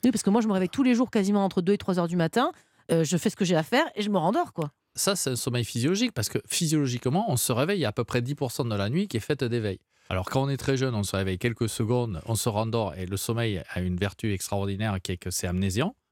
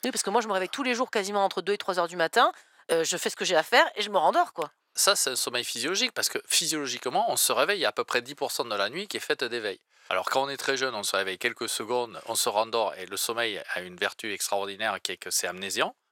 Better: first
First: none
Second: thin; very; fading below 650 Hz

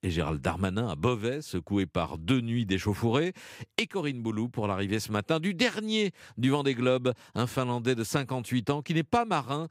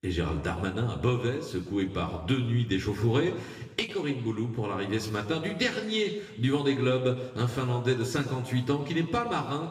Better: first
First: none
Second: room echo; slight; dies away in 1.1 s // off-mic speech; somewhat distant

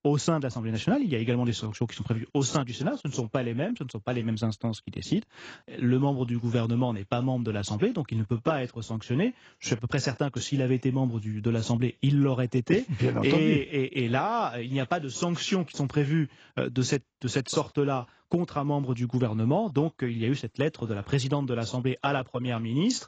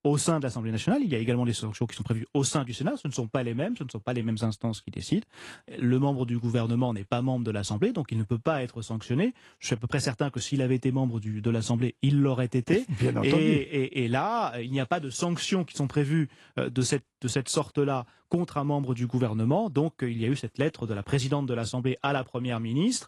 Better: second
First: garbled, watery; badly; nothing above 7.5 kHz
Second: garbled, watery; slightly

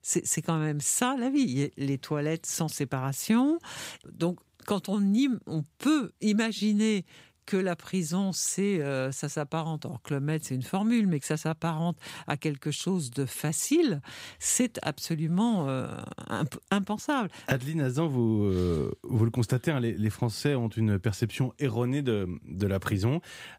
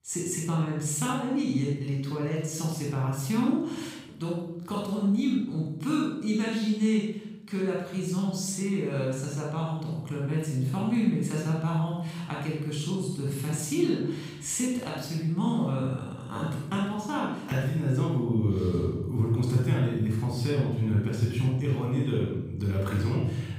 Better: first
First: none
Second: off-mic speech; far // room echo; strong; dies away in 0.9 s

